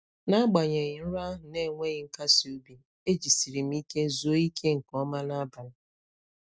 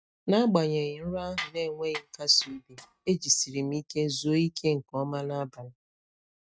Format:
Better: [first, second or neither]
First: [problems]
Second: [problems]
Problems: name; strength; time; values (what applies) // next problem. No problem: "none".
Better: first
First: none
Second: noise reduction (neural mask model RNNoise)